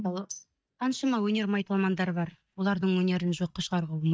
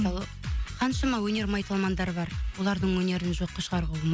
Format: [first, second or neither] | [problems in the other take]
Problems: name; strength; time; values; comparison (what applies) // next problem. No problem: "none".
second | noise reduction (neural mask model DeepFilterNet 3)